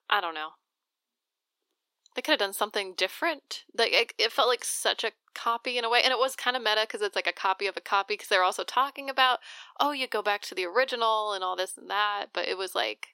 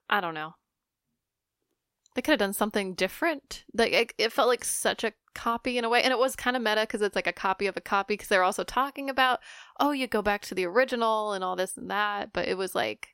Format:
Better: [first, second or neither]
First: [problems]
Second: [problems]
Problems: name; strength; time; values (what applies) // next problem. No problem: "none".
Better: second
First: thin; somewhat; fading below 300 Hz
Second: none